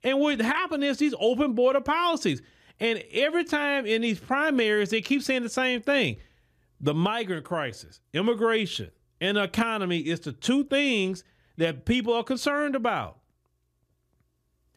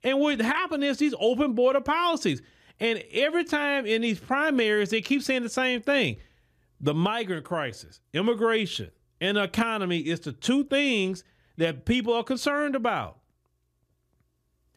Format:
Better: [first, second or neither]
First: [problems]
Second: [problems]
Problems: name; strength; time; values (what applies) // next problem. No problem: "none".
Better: neither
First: none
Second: none